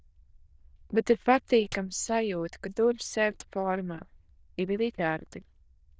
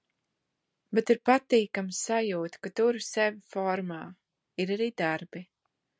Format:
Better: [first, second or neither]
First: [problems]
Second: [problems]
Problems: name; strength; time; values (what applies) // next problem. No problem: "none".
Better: second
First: noise reduction (neural diffusion model UNIVERSE++)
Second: none